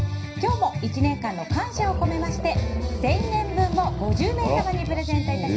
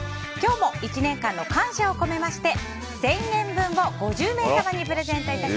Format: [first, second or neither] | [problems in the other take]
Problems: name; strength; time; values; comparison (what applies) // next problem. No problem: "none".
second | background sound (Musical instrument); 8 dB below the speech // room echo; dies away in 0.4 s